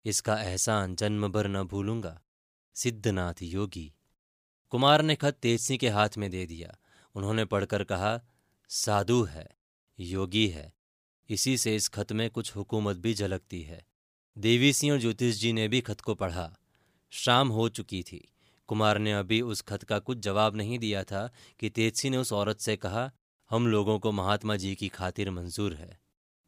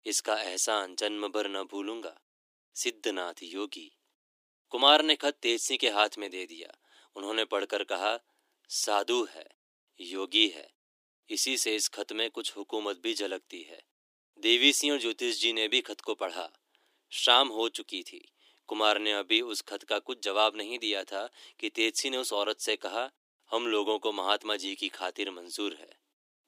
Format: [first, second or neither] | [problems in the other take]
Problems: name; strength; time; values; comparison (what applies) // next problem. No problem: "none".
first | thin; somewhat; fading below 300 Hz